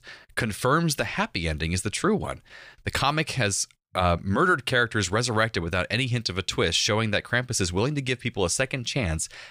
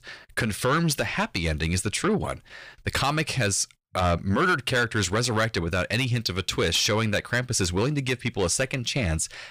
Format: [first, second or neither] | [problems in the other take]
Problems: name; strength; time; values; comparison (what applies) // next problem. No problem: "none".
first | distortion; slight; 10 dB below the speech